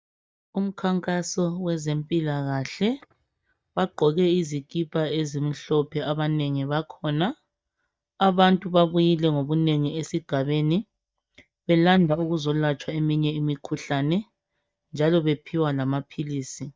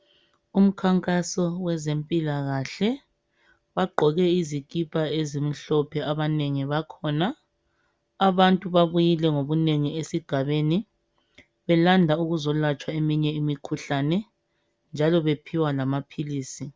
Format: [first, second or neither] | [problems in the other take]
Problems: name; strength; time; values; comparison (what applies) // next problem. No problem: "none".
second | noise reduction (neural mask model DeepFilterNet 3)